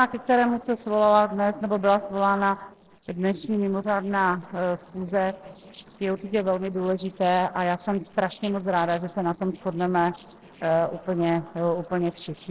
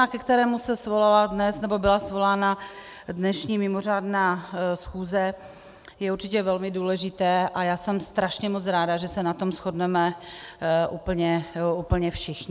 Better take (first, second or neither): second